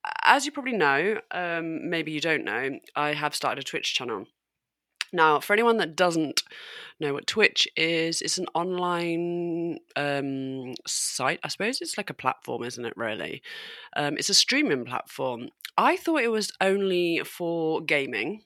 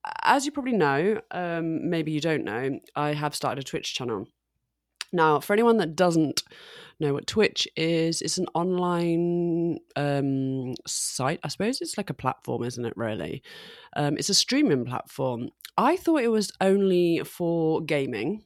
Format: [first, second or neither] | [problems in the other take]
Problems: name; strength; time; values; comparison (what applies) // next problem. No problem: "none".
second | thin; very slightly; fading below 700 Hz